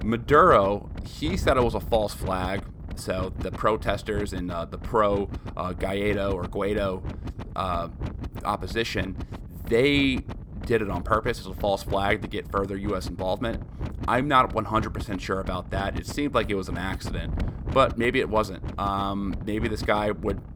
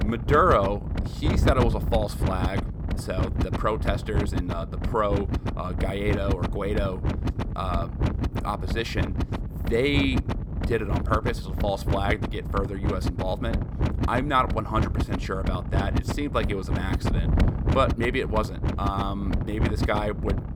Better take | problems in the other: first | wind noise on the microphone; heavy; 8 dB below the speech; occasional gusts in the first

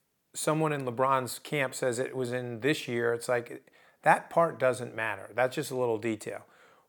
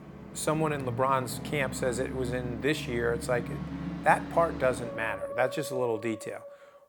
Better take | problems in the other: first | background music; loud; throughout; 9 dB below the speech

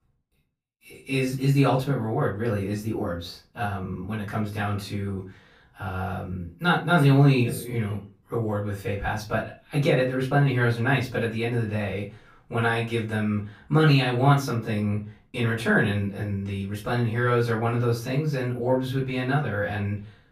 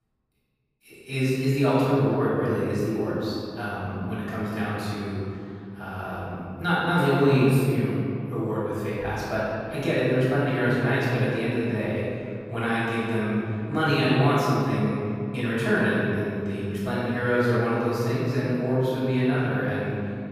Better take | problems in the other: first | room echo; strong; dies away in 2.4 s; slight in the first // off-mic speech; far; far in the first

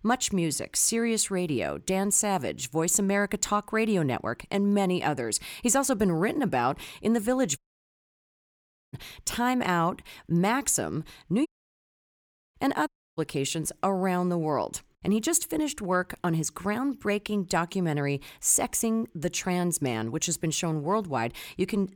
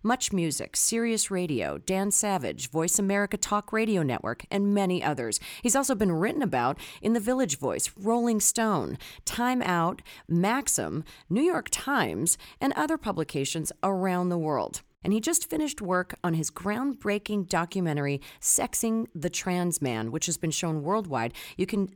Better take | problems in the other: second | audio cutting out; at 7.5 s for 1.5 s, at 11 s for 1 s and at 13 s

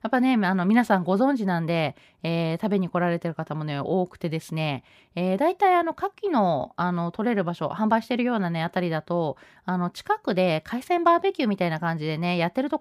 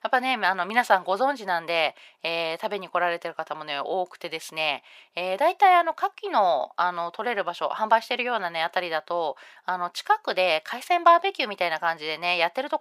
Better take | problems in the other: first | thin; very; fading below 750 Hz

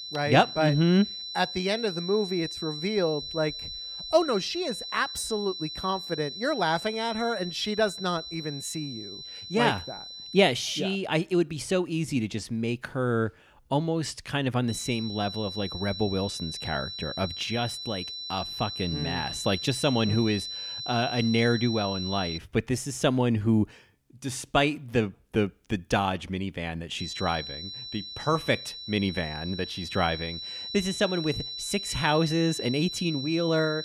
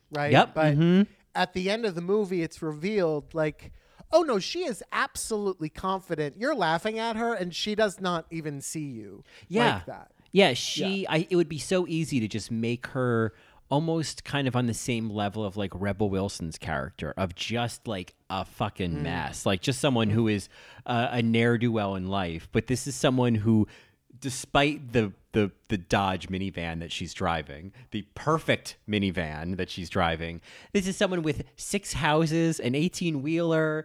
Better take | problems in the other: second | high-pitched whine; loud; until 10 s, from 15 to 22 s and from 27 s on; 4 kHz, 7 dB below the speech

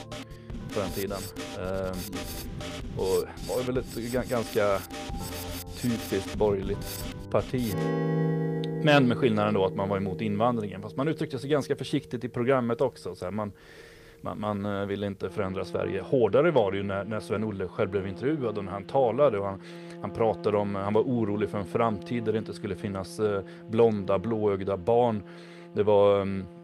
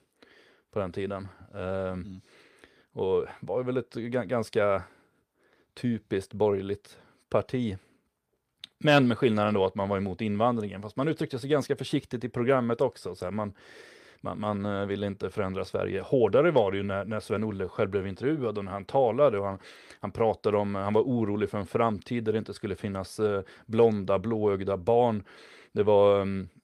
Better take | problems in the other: second | background music; loud; throughout; 9 dB below the speech

